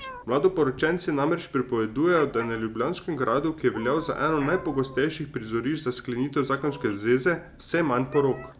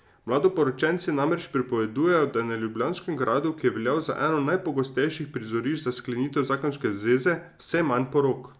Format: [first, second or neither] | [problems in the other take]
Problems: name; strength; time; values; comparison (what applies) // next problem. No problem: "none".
second | background sound (Meow); 19 dB below the speech